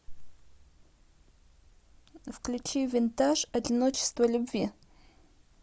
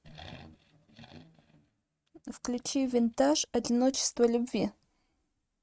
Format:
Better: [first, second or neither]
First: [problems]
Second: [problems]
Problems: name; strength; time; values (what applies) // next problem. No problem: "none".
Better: first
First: none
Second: noise reduction (neural mask model RNNoise)